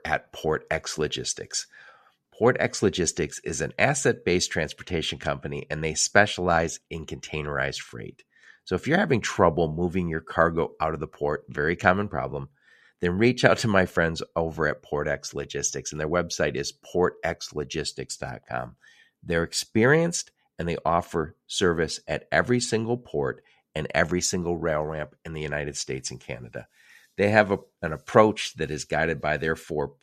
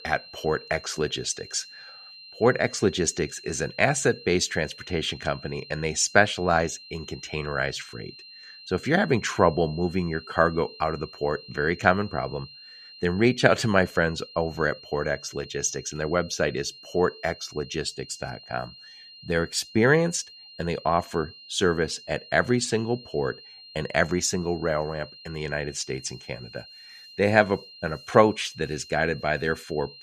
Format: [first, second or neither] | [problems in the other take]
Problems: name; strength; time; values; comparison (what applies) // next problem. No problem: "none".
first | high-pitched whine; noticeable; throughout; 4 kHz, 20 dB below the speech